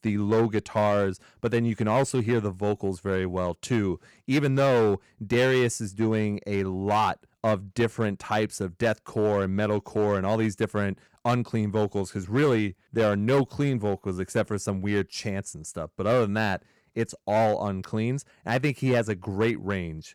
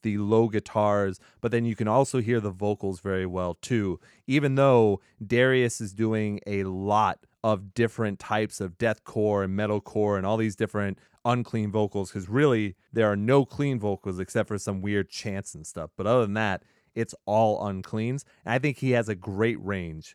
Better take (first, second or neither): second